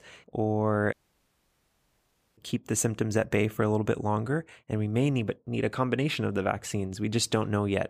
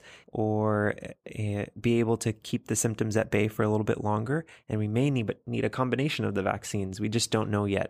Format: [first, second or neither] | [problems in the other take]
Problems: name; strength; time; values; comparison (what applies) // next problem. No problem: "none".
second | audio cutting out; at 1 s for 1.5 s